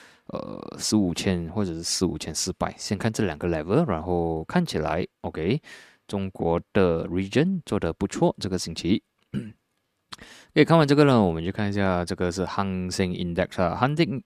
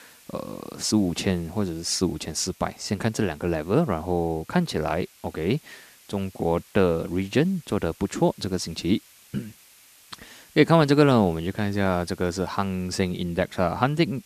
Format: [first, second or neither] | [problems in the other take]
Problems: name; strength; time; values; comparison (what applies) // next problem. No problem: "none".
first | hiss; faint; throughout; 25 dB below the speech